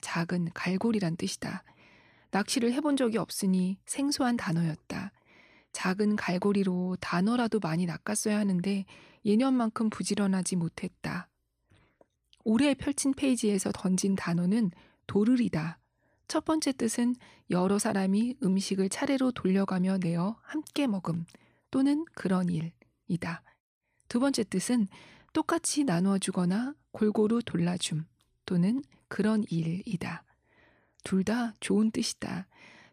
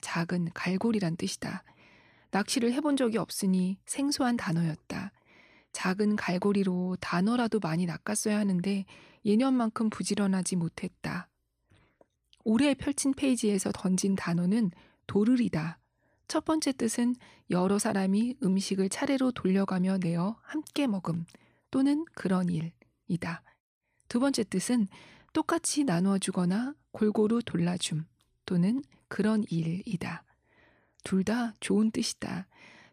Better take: neither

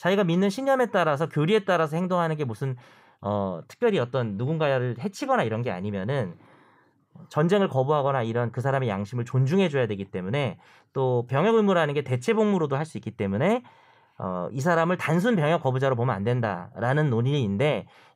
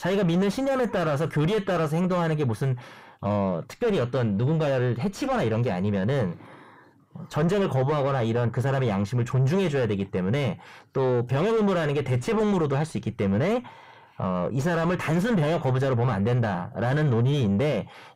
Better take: first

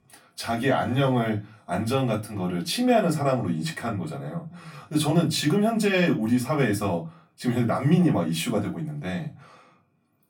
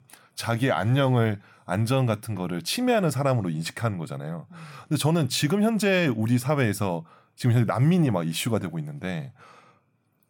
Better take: second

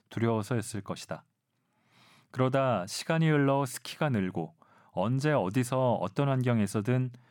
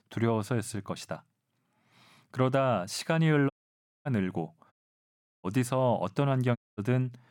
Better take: first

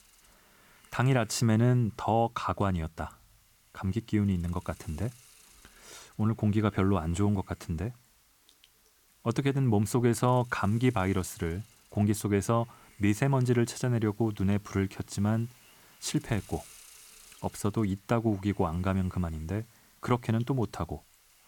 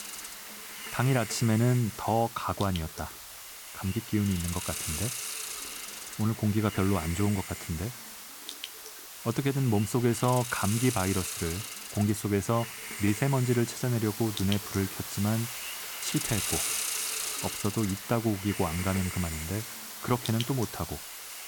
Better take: first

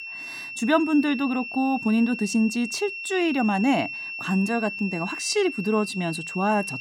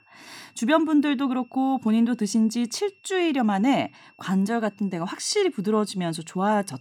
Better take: second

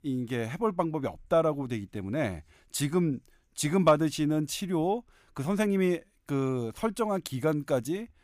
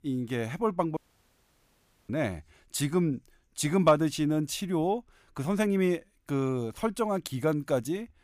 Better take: first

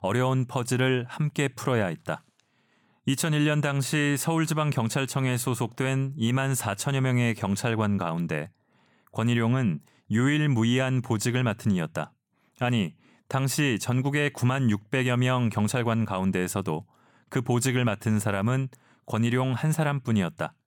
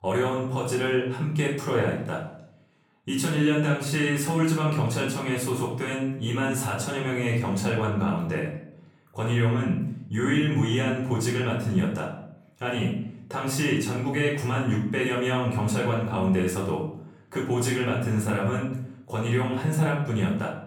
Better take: first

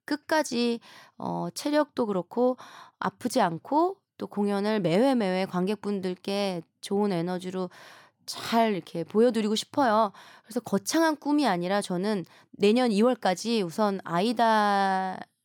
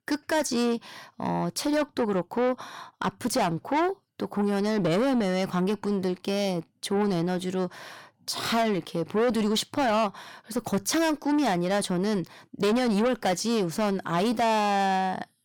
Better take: first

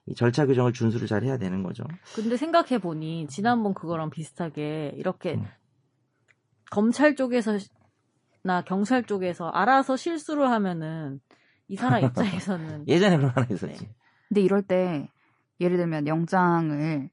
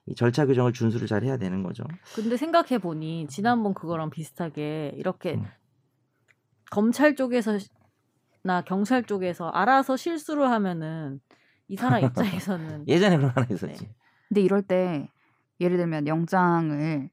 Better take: second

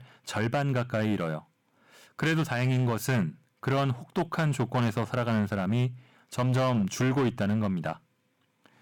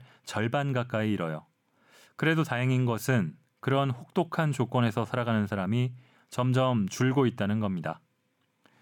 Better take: second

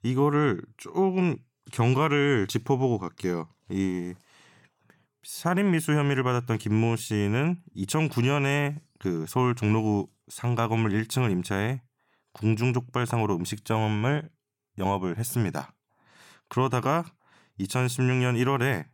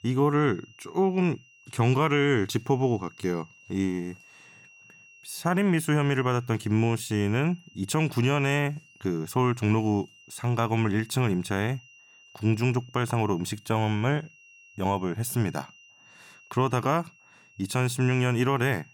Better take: first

